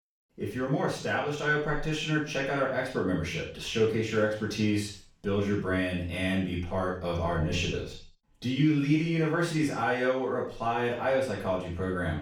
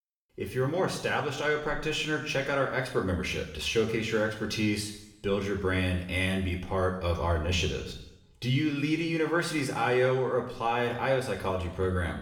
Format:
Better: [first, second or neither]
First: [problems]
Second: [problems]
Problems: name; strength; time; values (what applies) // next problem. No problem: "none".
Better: second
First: room echo; strong; dies away in 0.4 s // off-mic speech; far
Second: room echo; slight; dies away in 0.8 s // off-mic speech; somewhat distant